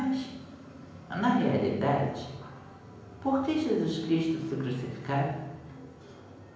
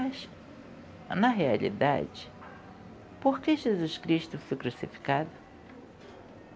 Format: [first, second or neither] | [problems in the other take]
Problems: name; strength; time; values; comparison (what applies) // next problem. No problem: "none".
second | room echo; dies away in 1 s